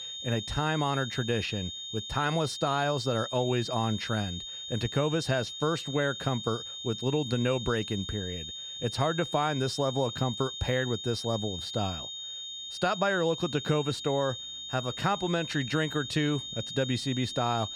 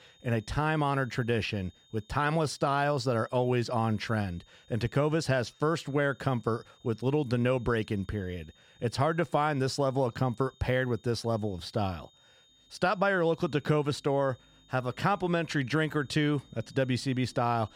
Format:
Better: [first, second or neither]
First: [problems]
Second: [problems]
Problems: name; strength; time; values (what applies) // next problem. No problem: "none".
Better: second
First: high-pitched whine; loud; throughout; 3.5 kHz, 6 dB below the speech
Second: high-pitched whine; faint; throughout; 3.5 kHz, 30 dB below the speech